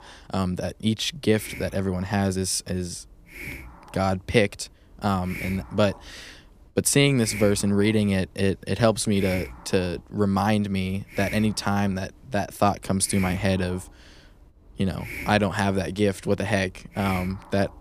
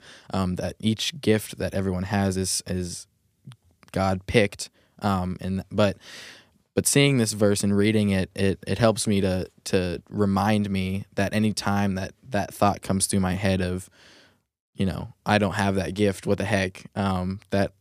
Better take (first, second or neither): second